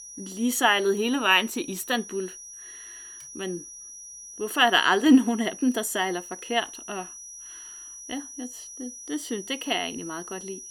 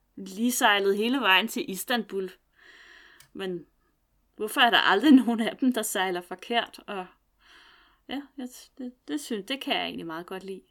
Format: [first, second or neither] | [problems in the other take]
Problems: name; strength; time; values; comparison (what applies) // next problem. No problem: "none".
second | high-pitched whine; noticeable; throughout; 6 kHz, 15 dB below the speech